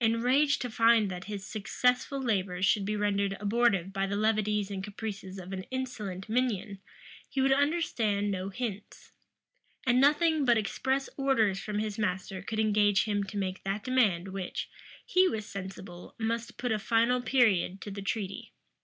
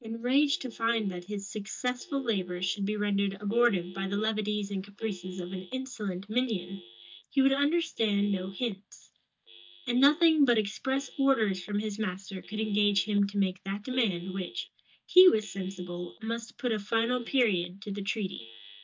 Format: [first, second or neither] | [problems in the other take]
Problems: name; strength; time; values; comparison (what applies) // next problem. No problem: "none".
first | noise reduction (neural mask model DeepFilterNet 3)